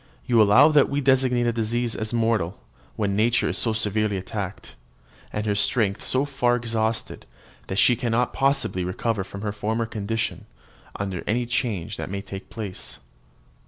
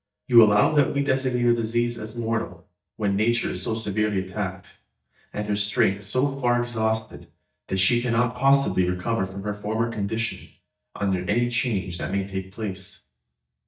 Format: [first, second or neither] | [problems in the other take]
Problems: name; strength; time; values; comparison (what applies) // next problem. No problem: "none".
first | noise reduction (neural mask model DeepFilterNet 3)